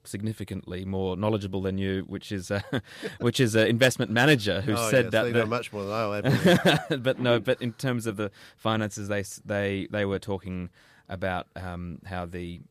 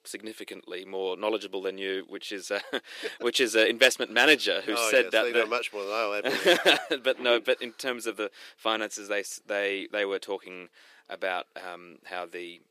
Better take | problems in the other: first | thin; somewhat; fading below 350 Hz

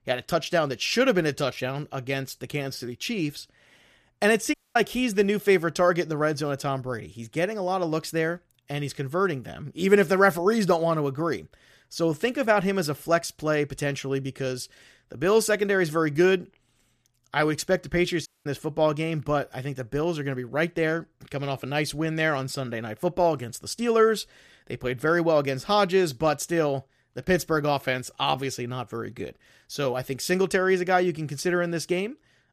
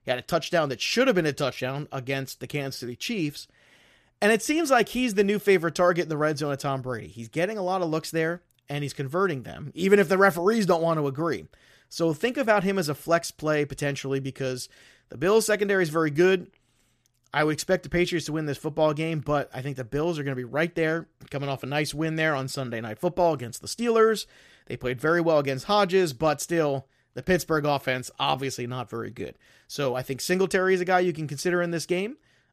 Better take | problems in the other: second | audio cutting out; at 4.5 s and at 18 s

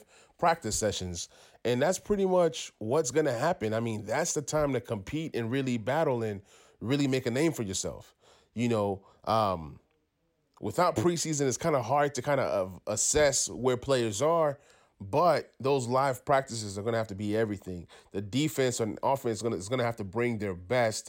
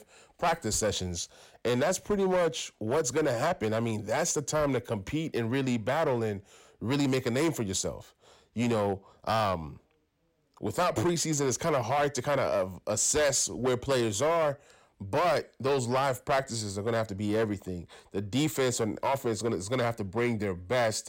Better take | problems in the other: first | distortion; slight; 9% of the sound clipped

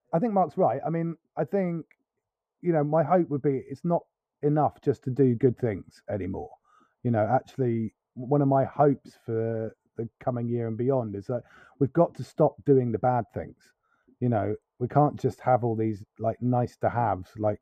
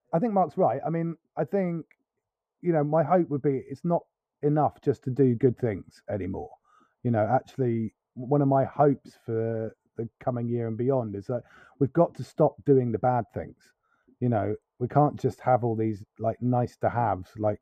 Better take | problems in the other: neither | muffled; very; fading above 1.5 kHz; the same in both

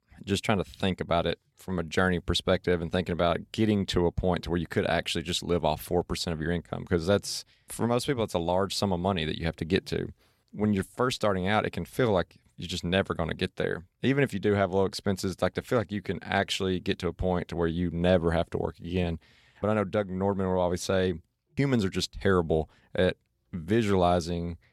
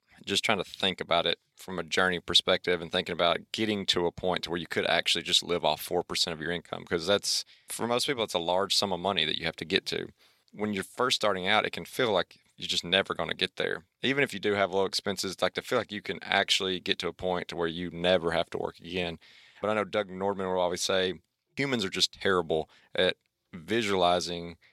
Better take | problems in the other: first | thin; very slightly; fading below 1 kHz

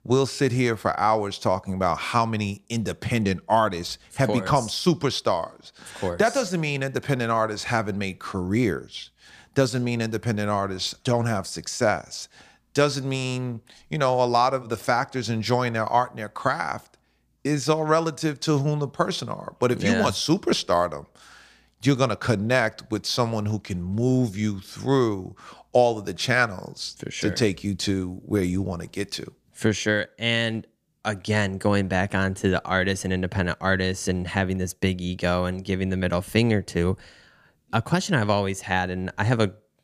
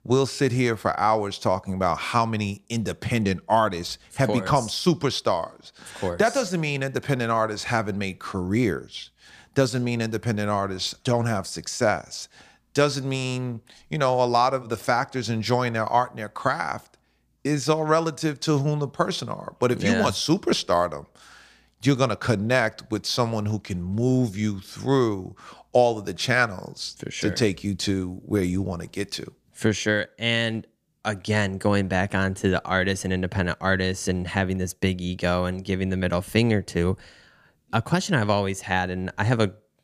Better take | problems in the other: neither | none

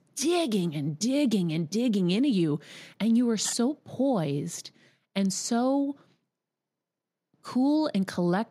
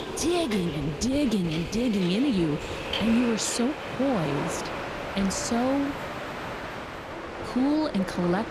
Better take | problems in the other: first | train or aircraft noise; loud; throughout; 7 dB below the speech

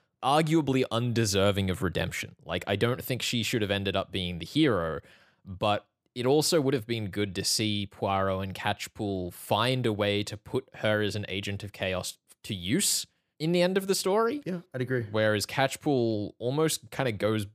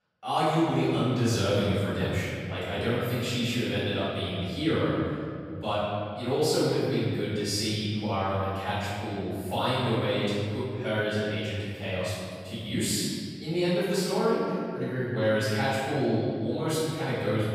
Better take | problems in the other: first | off-mic speech; far // room echo; strong; dies away in 2.1 s

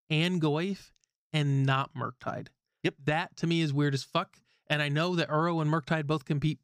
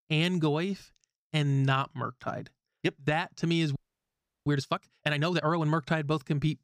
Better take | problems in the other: first | audio freezing; at 4 s for 0.5 s

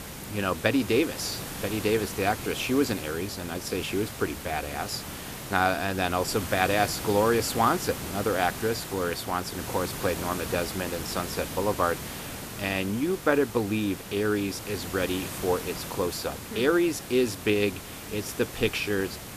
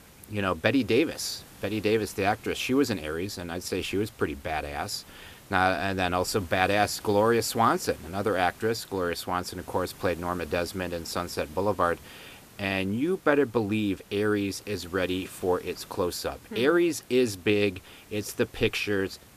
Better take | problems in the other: second | hiss; loud; throughout; 8 dB below the speech; faint in the second

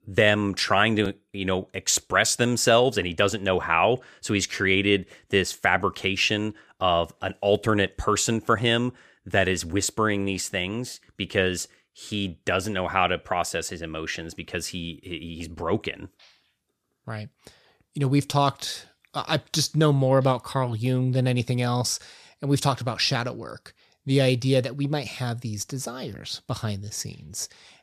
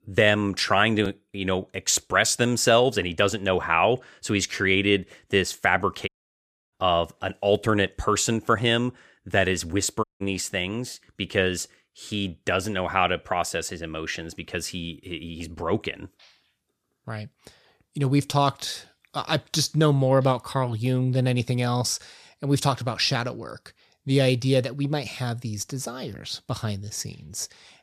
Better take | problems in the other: first | audio cutting out; at 6 s for 0.5 s and at 10 s

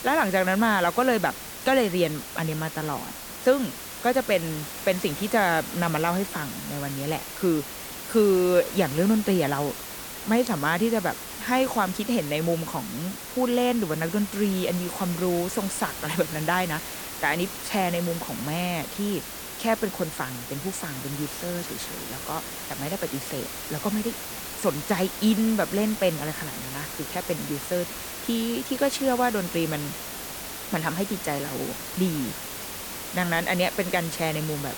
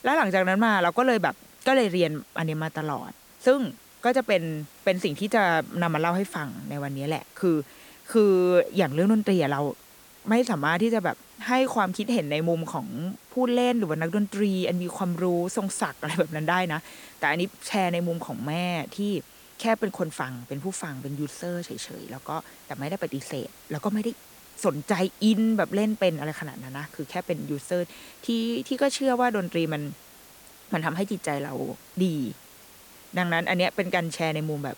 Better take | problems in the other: second | hiss; loud; throughout; 8 dB below the speech; faint in the second

